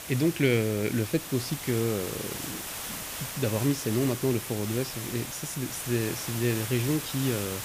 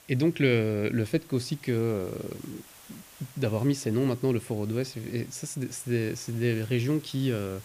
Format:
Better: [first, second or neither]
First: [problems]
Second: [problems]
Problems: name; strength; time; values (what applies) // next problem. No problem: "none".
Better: second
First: hiss; loud; throughout; 6 dB below the speech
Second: hiss; faint; throughout; 20 dB below the speech